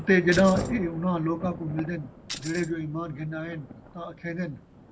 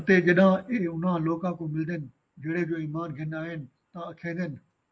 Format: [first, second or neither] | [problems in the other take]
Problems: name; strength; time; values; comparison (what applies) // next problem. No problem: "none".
second | background sound (Thunder / Rain + Tambourine); 11 dB below the speech